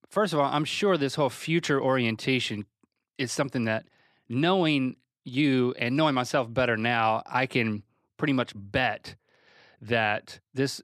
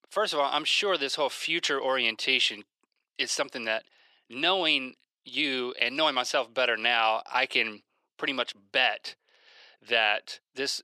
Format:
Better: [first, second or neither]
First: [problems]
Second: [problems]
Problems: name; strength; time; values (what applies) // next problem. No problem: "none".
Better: first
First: none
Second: thin; somewhat; fading below 500 Hz